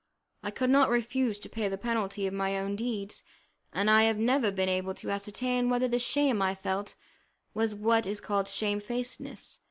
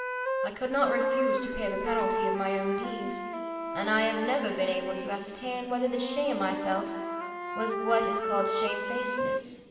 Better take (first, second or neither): first